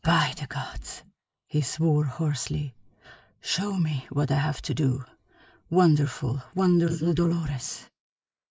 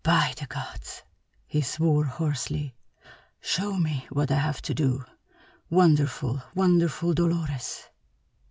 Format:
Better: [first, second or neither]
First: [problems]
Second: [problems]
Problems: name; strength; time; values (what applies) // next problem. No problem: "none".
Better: second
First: noise reduction (neural mask model Resemble Enhance denoiser)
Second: none